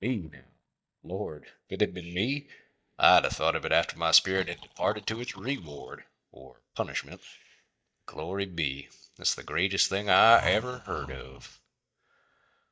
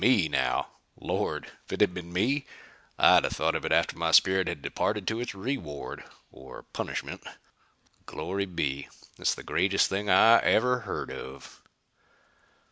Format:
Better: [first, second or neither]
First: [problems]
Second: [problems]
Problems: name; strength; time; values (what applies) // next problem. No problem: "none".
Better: second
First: noise reduction (neural mask model DeepFilterNet 3)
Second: none